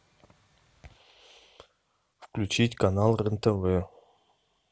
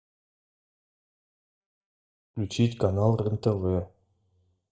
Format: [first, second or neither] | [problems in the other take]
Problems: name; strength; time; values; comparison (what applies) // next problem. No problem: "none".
first | noise reduction (neural mask model DeepFilterNet 3)